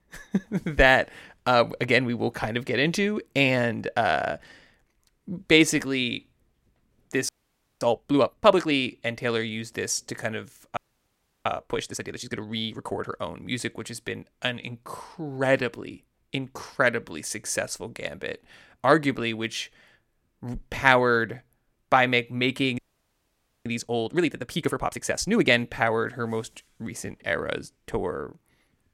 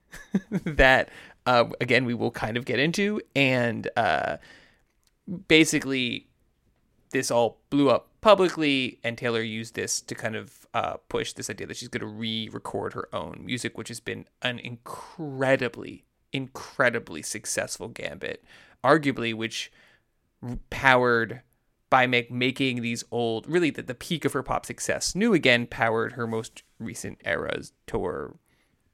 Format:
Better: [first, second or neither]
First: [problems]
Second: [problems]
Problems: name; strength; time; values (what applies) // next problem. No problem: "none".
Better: second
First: audio freezing; at 7.5 s for 0.5 s, at 11 s for 0.5 s and at 23 s for 1 s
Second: none